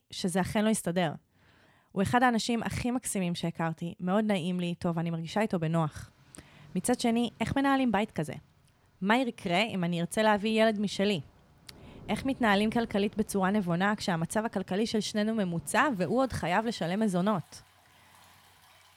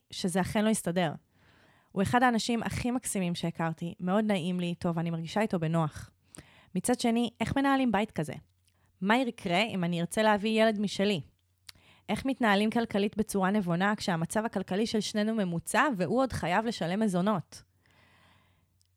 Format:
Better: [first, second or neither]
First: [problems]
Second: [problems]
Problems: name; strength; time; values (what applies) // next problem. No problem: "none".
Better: second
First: rain or running water; faint; from 6 s on; 25 dB below the speech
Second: none